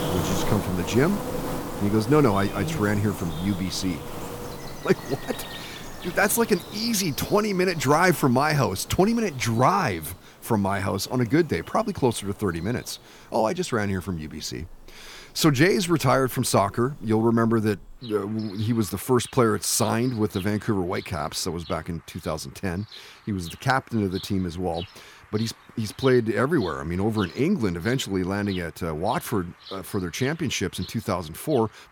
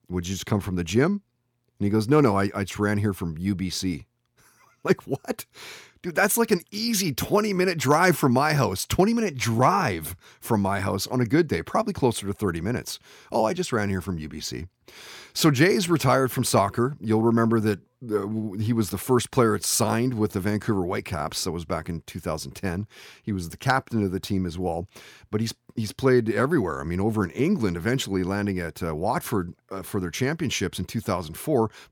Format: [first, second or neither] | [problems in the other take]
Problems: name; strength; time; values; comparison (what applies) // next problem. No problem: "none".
second | animal sounds; noticeable; throughout; 15 dB below the speech